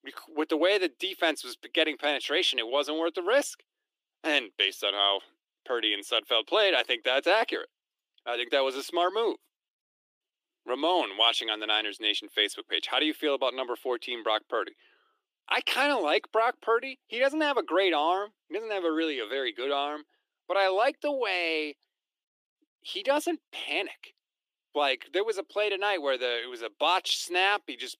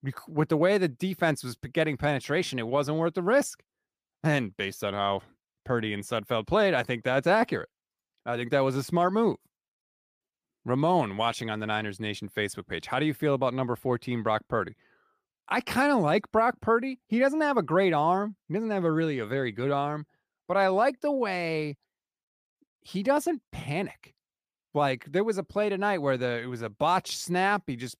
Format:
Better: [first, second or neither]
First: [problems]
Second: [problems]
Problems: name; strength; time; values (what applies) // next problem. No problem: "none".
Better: second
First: thin; somewhat; fading below 300 Hz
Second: none